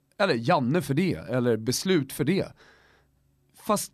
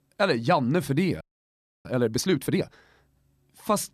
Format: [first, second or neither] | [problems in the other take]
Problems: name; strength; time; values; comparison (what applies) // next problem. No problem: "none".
first | audio freezing; at 1 s for 0.5 s